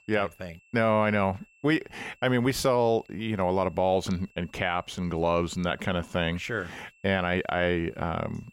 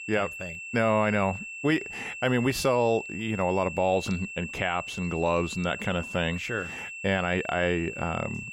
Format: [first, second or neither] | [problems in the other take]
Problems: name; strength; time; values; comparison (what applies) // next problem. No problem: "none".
first | high-pitched whine; loud; throughout; 2.5 kHz, 9 dB below the speech; faint in the first